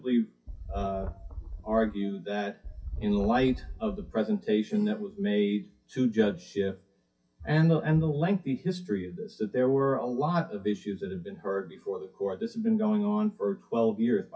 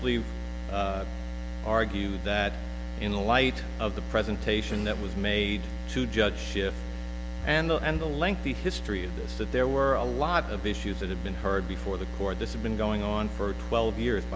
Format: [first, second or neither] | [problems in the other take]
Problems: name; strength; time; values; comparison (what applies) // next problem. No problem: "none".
second | noise reduction (classical method WPE with log-MMSE)